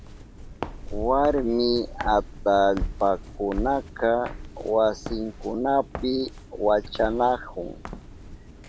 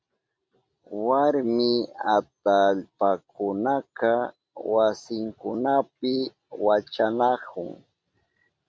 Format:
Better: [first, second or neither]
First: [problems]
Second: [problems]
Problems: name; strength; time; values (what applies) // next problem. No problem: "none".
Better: second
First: background sound (Walk, footsteps); 10 dB below the speech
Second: none